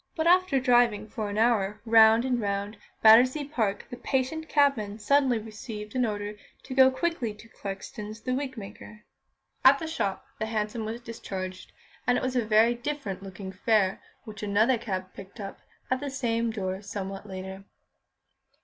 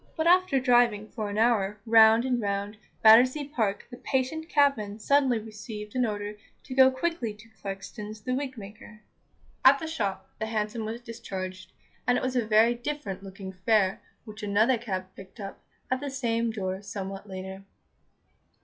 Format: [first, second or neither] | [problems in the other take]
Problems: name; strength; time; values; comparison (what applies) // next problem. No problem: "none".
first | noise reduction (classical method log-MMSE)